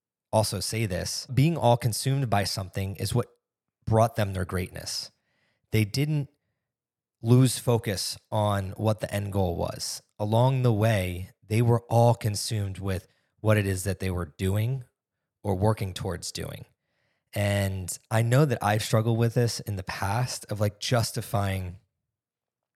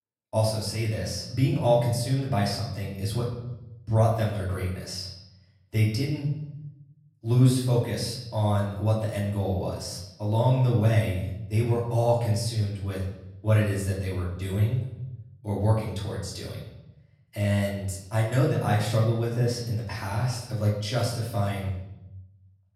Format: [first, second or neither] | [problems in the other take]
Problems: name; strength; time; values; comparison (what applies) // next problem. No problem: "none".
first | off-mic speech; far // room echo; noticeable; dies away in 0.9 s